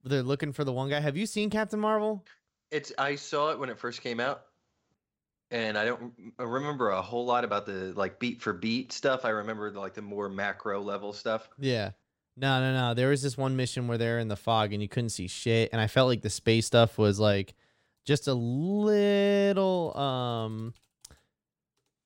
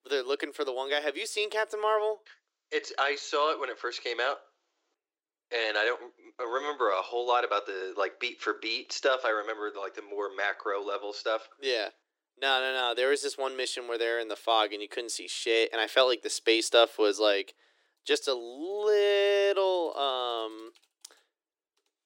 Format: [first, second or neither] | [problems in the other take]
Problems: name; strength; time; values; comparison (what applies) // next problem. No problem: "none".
first | thin; very; fading below 300 Hz